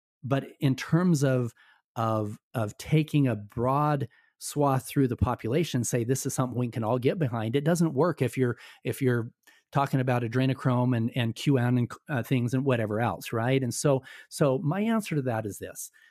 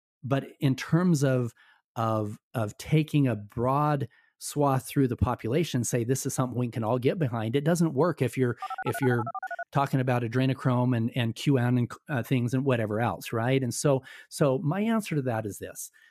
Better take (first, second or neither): first